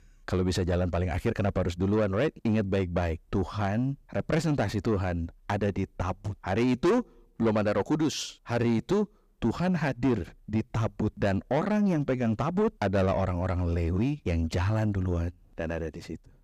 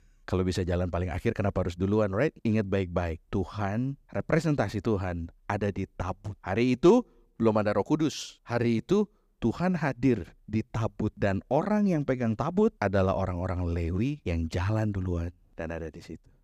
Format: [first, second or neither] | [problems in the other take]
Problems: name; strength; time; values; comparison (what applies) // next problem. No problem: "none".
second | distortion; slight; 10 dB below the speech